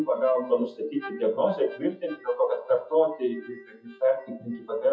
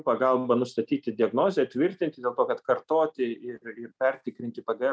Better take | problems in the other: second | noise reduction (classical method WPE with log-MMSE)

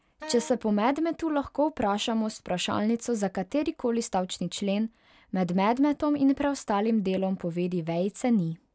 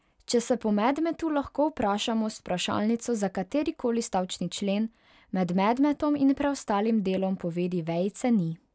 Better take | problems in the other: second | background sound (Wind instrument, woodwind instrument); 17 dB below the speech

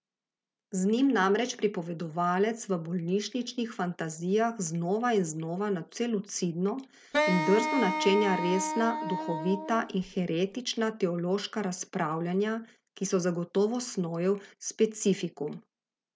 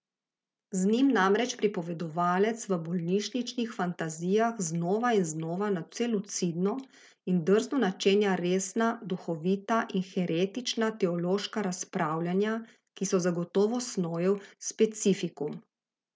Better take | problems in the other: second | background sound (Wind instrument, woodwind instrument); 2 dB below the speech

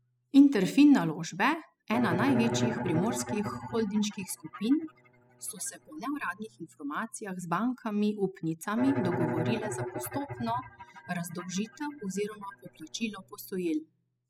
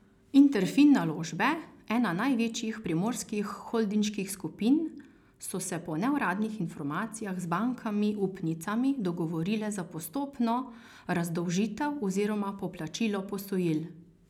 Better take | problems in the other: second | noise reduction (classical method spectral subtraction)

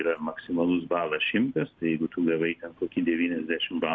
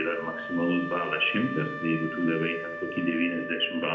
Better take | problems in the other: first | background sound (Wind instrument, woodwind instrument); 8 dB below the speech // room echo; dies away in 0.7 s

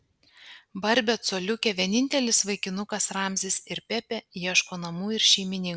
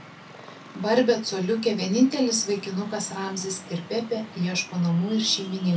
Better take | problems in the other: first | background sound (Traffic noise, roadway noise); 18 dB below the speech // room echo; dies away in 0.3 s

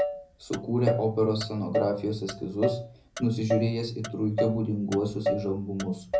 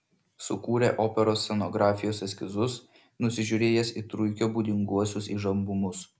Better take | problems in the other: second | background sound (Motor vehicle (road)); 4 dB below the speech // room echo; dies away in 0.4 s

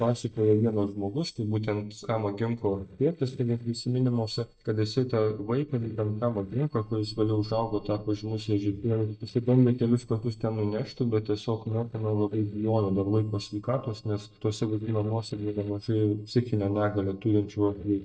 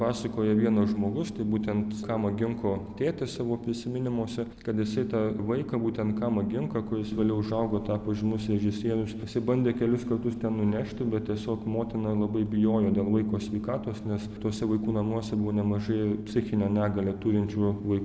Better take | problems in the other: second | noise reduction (neural mask model DeepFilterNet 3)

